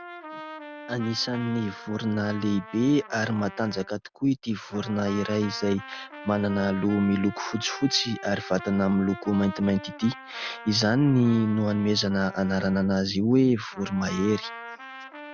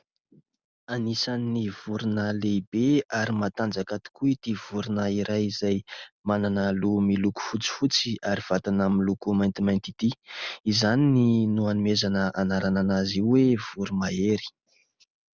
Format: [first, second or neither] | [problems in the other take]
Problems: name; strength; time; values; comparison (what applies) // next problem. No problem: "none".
second | background sound (Trumpet); 16 dB below the speech